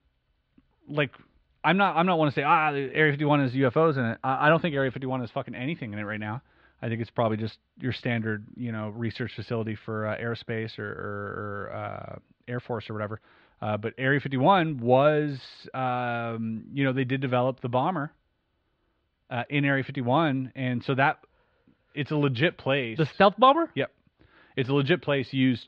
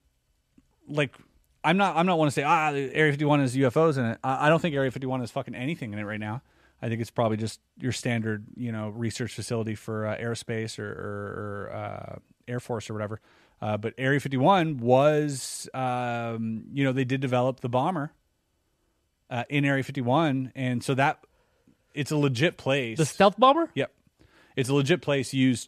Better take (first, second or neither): second